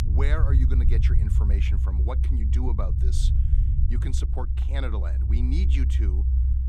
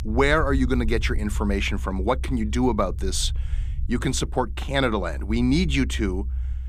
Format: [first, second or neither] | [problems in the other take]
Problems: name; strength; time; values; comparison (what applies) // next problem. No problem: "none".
second | low rumble; loud; throughout; 3 dB below the speech; faint in the second